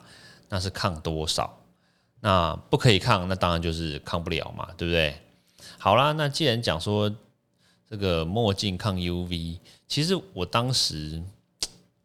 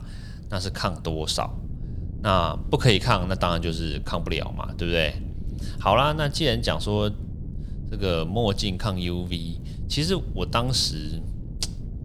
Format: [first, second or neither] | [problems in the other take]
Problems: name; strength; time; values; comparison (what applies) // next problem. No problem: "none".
first | wind noise on the microphone; occasional gusts; 20 dB below the speech